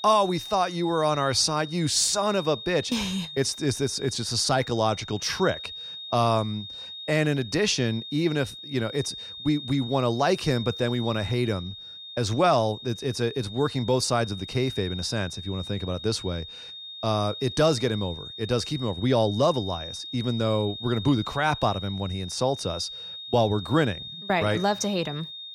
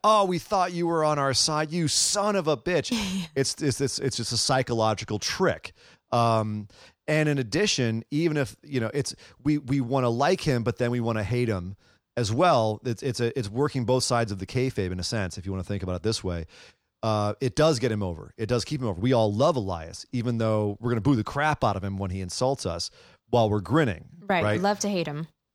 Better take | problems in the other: second | high-pitched whine; noticeable; throughout; 3.5 kHz, 10 dB below the speech

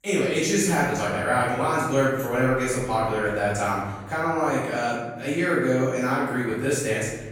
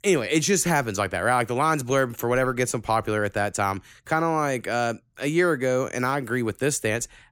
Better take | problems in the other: second | room echo; strong; dies away in 1.2 s // off-mic speech; far

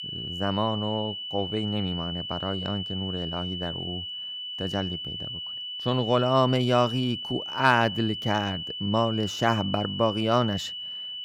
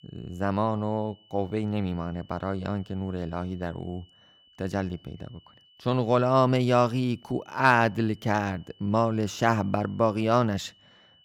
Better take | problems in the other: second | high-pitched whine; loud; throughout; 3 kHz, 6 dB below the speech; faint in the second

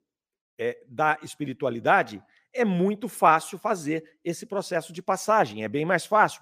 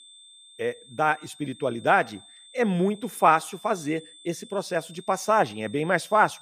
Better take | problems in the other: first | high-pitched whine; faint; throughout; 3.5 kHz, 20 dB below the speech

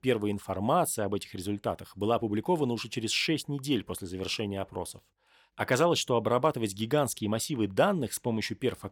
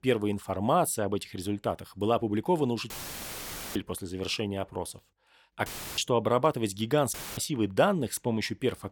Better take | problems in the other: first | audio cutting out; filled with static; at 3 s for 1 s, at 5.5 s and at 7 s

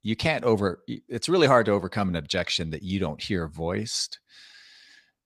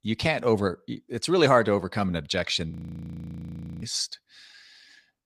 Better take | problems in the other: first | audio freezing; at 2.5 s for 1 s

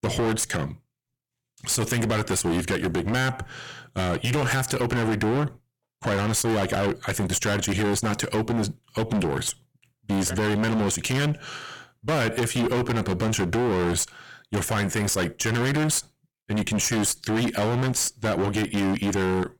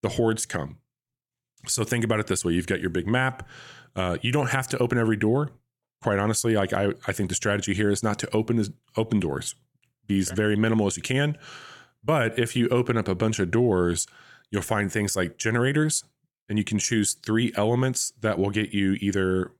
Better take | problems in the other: second | distortion; heavy; 26% of the sound clipped

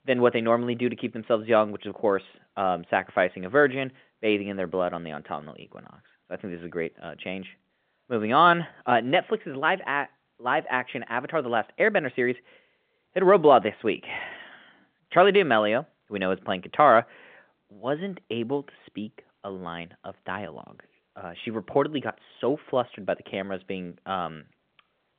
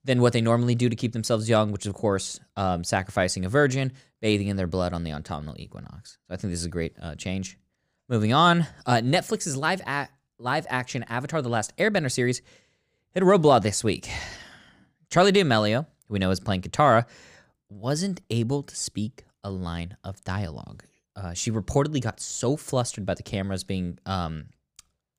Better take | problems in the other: second | phone-call audio

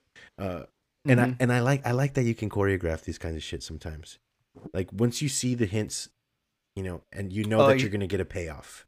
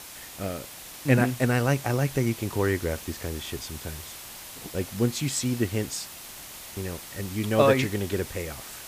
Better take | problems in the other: first | hiss; noticeable; throughout; 10 dB below the speech

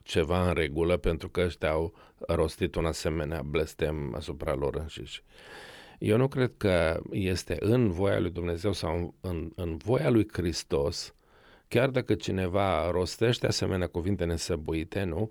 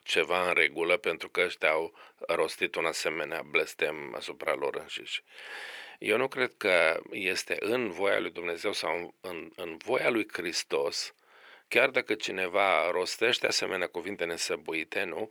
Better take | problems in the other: first | thin; very; fading below 500 Hz

